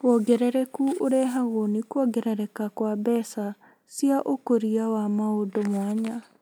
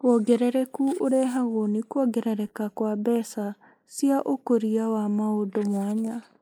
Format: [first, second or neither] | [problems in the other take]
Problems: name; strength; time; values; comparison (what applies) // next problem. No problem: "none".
first | noise reduction (neural mask model Resemble Enhance denoiser)